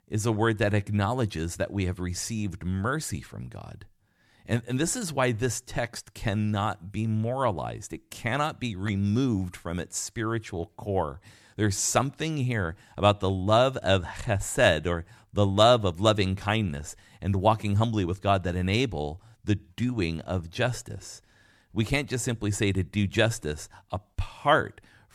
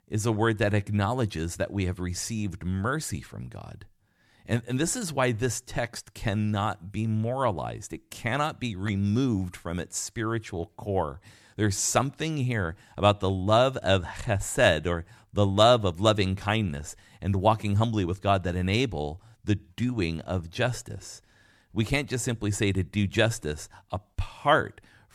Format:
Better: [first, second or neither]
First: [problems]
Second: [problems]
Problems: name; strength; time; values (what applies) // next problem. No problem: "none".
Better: neither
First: none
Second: none